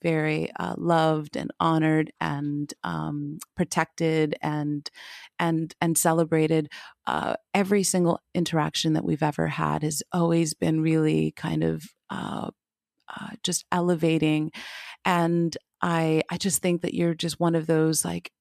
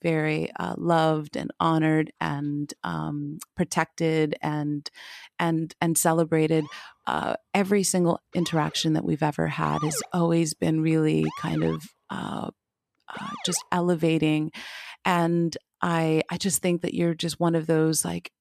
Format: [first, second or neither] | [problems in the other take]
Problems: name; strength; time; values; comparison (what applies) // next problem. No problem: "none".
first | siren; noticeable; from 6.5 to 14 s; peak 10 dB below the speech